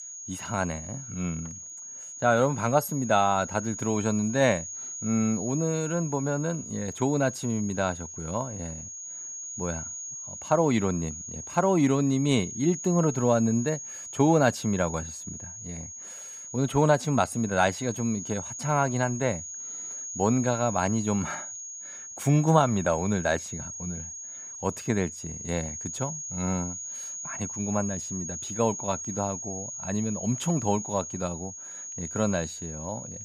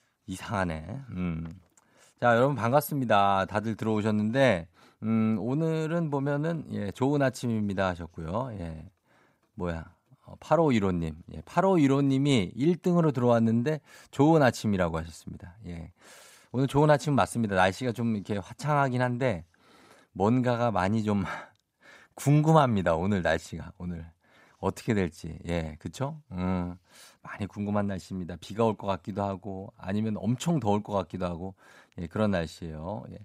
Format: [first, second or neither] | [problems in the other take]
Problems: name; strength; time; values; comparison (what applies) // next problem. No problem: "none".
second | high-pitched whine; loud; throughout; 6.5 kHz, 9 dB below the speech